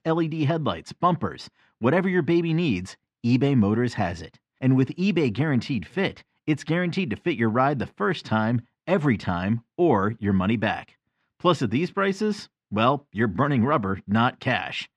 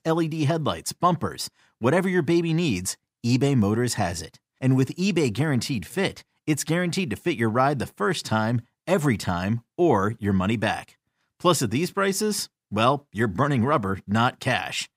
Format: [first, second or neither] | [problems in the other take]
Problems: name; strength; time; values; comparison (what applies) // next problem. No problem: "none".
second | muffled; slightly; fading above 3 kHz